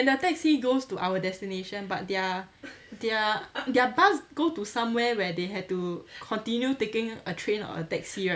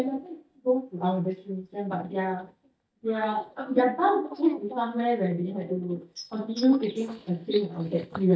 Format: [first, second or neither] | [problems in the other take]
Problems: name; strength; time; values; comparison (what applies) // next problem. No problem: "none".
first | noise reduction (neural mask model DeepFilterNet 3)